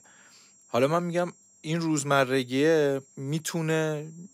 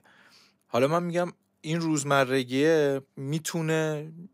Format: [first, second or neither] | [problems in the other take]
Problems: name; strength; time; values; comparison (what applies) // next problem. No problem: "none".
second | high-pitched whine; faint; throughout; 7.5 kHz, 30 dB below the speech